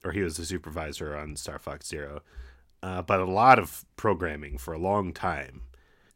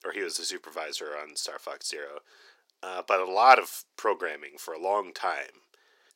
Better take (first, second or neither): first